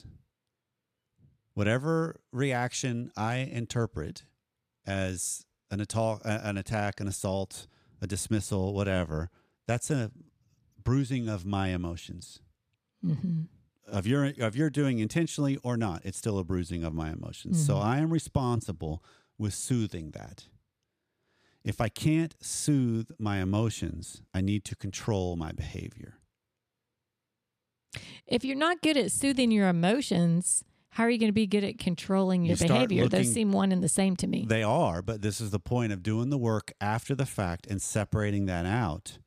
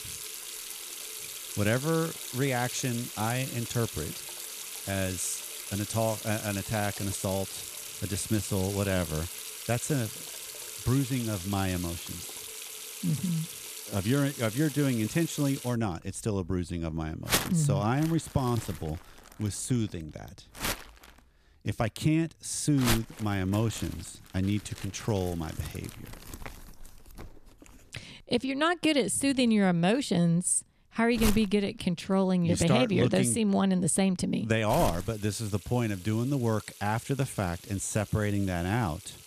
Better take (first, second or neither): first